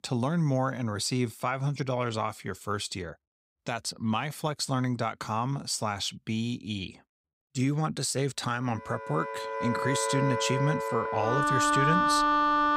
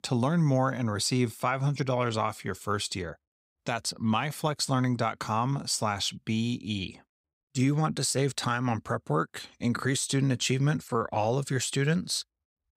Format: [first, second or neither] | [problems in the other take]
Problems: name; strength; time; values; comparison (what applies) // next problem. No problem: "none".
second | background music; very loud; from 9.5 s on; 3 dB above the speech